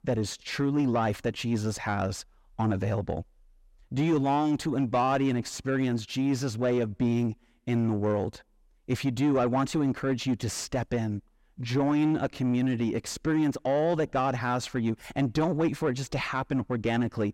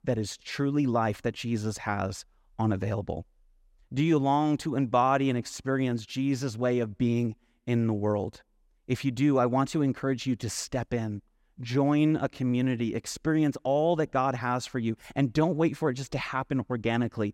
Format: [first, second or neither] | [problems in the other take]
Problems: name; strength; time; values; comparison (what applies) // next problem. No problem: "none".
second | distortion; slight; 10 dB below the speech